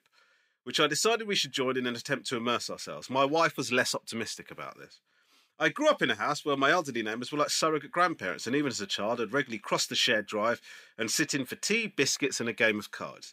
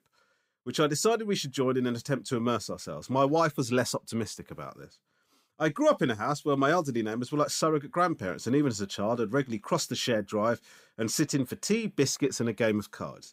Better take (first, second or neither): second